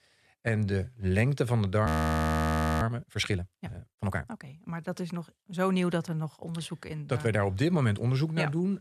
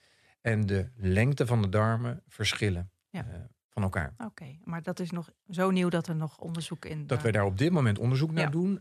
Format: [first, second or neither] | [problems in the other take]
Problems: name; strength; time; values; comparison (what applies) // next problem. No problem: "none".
second | audio freezing; at 2 s for 1 s